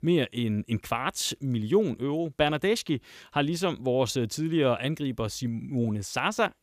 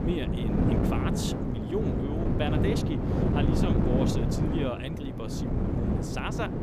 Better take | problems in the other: first | wind noise on the microphone; heavy; 2 dB above the speech

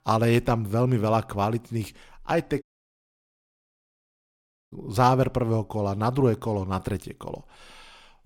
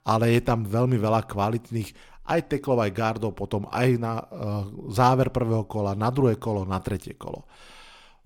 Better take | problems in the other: second | audio cutting out; at 2.5 s for 2 s

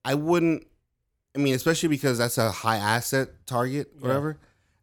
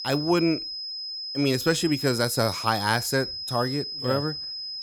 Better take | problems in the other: first | high-pitched whine; loud; throughout; 5 kHz, 6 dB below the speech

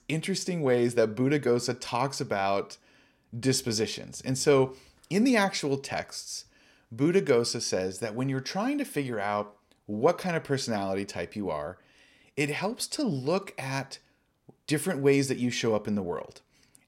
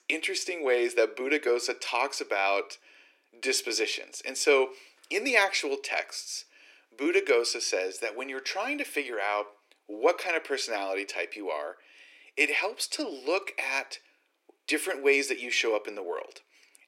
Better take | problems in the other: first | thin; somewhat; fading below 300 Hz

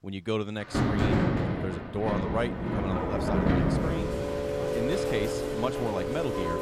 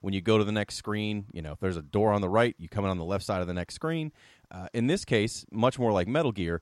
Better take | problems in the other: second | rain or running water; very loud; throughout; 5 dB above the speech

